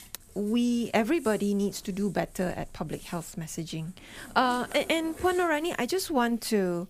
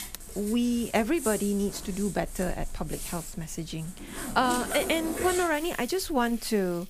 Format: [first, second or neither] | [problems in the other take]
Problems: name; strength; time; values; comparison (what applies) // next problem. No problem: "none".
first | household noises; loud; throughout; 8 dB below the speech; faint in the first